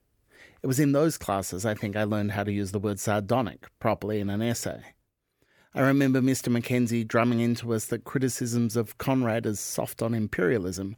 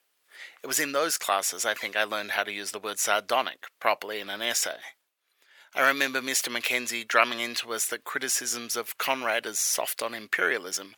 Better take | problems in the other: first | thin; very; fading below 900 Hz

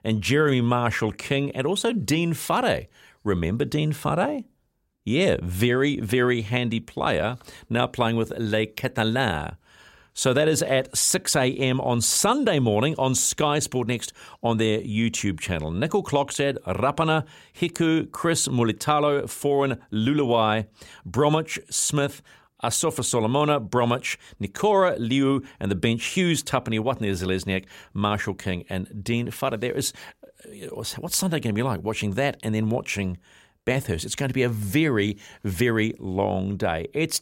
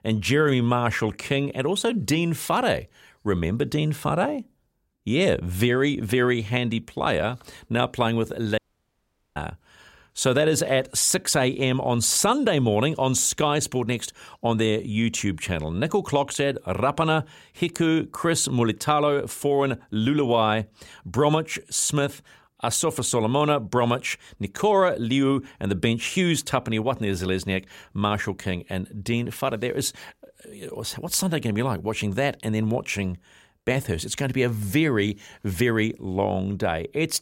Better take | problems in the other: first | audio cutting out; at 8.5 s for 1 s

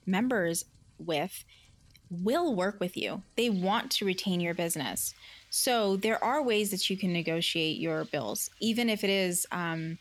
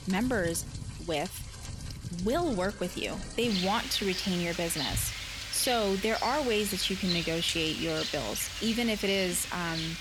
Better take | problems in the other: first | rain or running water; loud; throughout; 6 dB below the speech; faint in the first

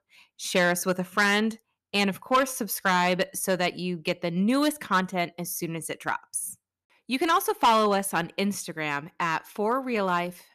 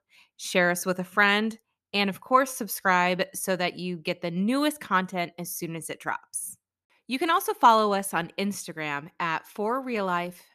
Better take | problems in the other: second | distortion; slight; 3% of the sound clipped

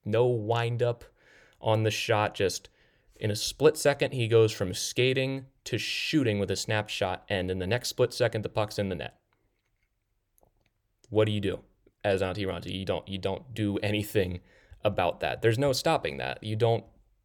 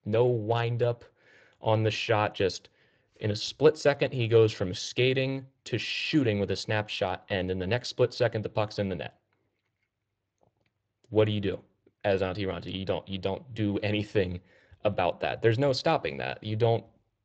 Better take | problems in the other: first | garbled, watery; slightly; nothing above 7.5 kHz

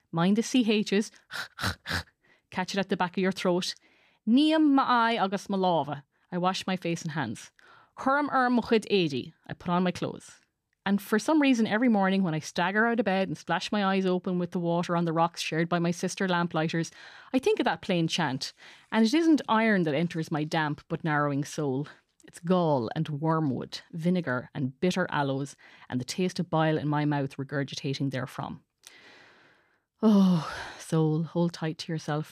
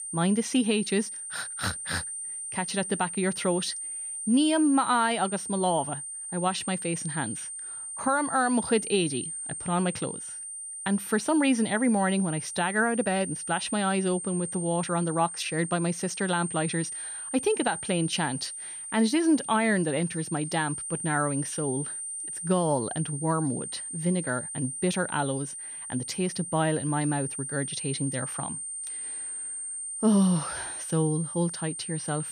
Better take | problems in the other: first | high-pitched whine; loud; throughout; 9 kHz, 6 dB below the speech

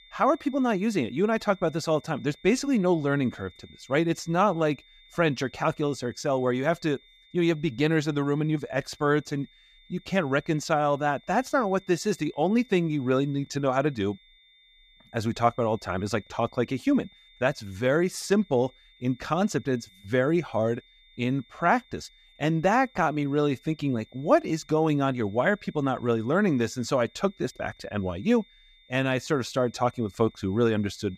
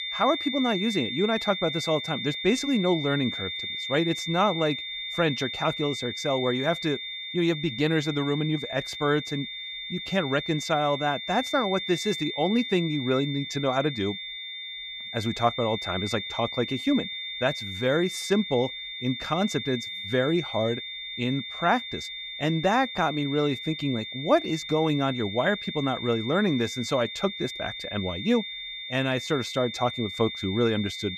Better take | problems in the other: first | high-pitched whine; loud; throughout; 3.5 kHz, 6 dB below the speech; faint in the first

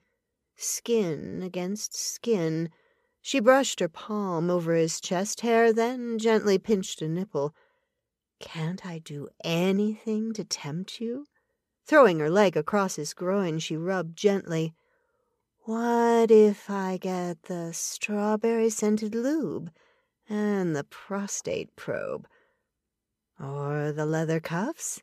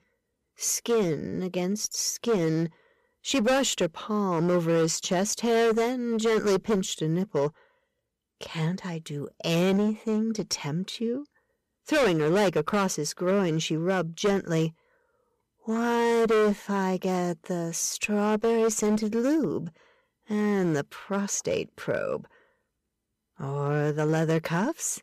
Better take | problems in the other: first | distortion; heavy; 9% of the sound clipped

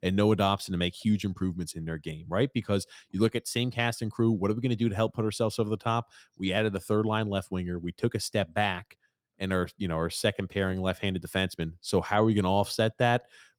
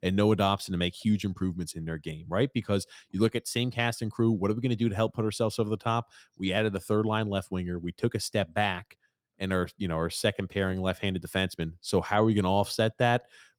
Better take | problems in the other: neither | none

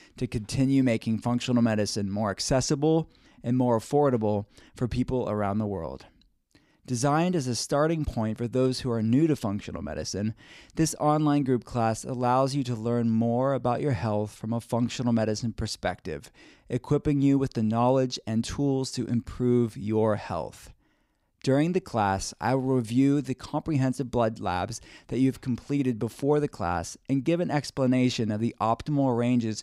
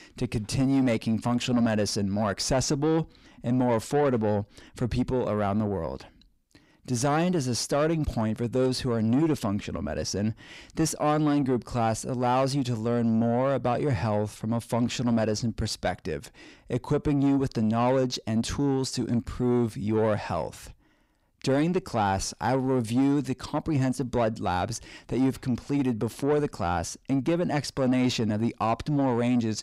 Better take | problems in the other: first | distortion; slight; 10 dB below the speech

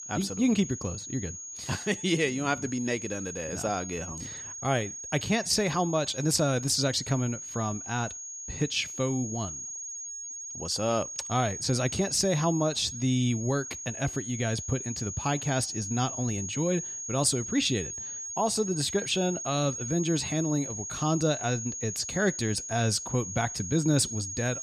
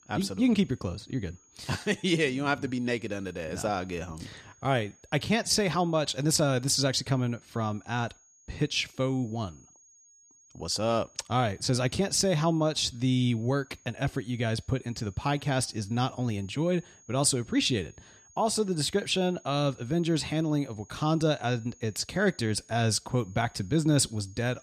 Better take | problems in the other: second | high-pitched whine; loud; throughout; 6.5 kHz, 7 dB below the speech; faint in the second

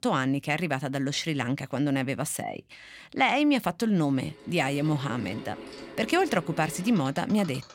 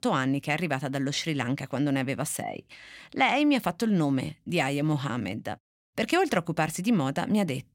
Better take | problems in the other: second | machinery noise; noticeable; from 4.5 s on; 15 dB below the speech

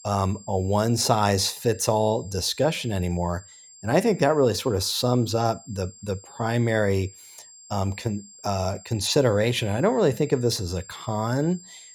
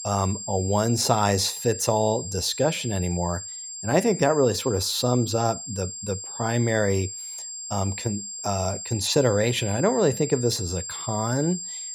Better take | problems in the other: first | high-pitched whine; loud; throughout; 7.5 kHz, 8 dB below the speech; faint in the first

